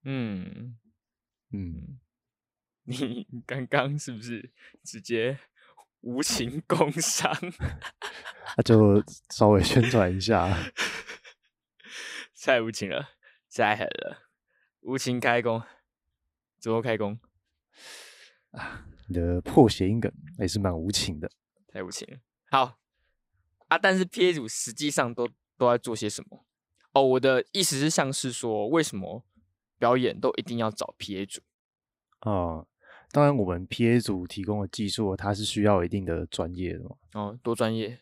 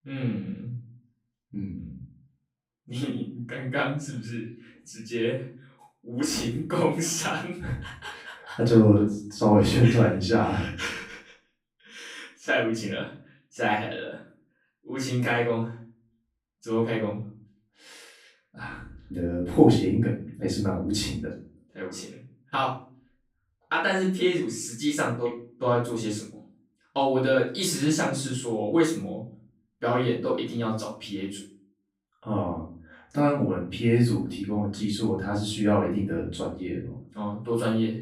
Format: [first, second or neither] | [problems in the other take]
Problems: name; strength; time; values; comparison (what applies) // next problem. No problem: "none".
first | off-mic speech; far // room echo; noticeable; dies away in 0.4 s